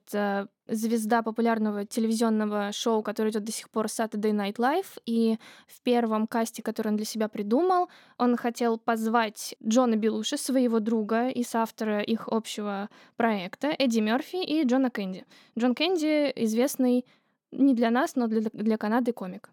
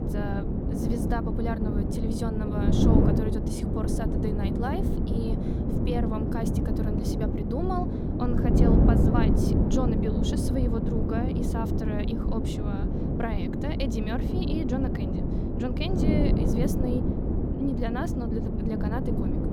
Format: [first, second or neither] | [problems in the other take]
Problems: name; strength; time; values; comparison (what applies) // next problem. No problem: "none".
first | wind noise on the microphone; heavy; 2 dB above the speech